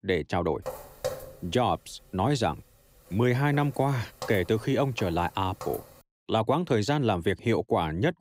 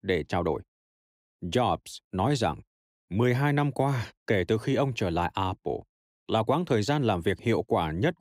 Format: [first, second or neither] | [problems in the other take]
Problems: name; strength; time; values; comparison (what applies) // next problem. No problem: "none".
second | footsteps; noticeable; from 0.5 to 6 s; peak 8 dB below the speech